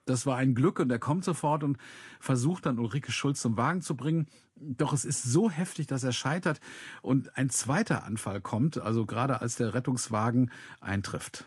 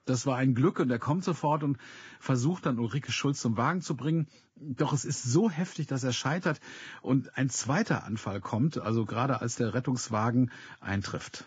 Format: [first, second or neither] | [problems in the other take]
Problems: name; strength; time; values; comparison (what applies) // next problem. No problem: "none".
first | garbled, watery; badly; nothing above 7.5 kHz; slightly in the first